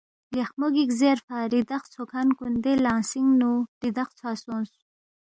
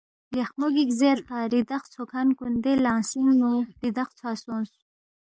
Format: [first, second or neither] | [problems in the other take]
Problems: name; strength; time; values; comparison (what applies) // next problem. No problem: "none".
first | noise reduction (neural mask model Resemble Enhance denoiser)